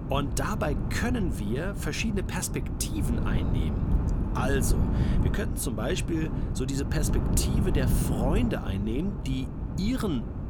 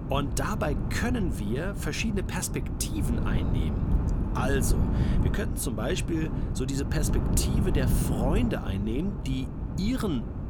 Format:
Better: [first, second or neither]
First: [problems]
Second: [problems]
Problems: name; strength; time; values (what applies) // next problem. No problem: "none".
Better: neither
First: wind noise on the microphone; heavy; 5 dB below the speech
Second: wind noise on the microphone; heavy; 5 dB below the speech